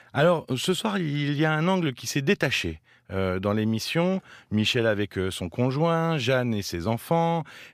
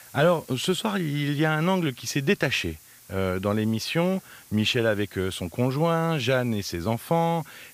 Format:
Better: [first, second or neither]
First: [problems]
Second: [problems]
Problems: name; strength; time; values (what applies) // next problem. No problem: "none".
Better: first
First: none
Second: hiss; faint; throughout; 25 dB below the speech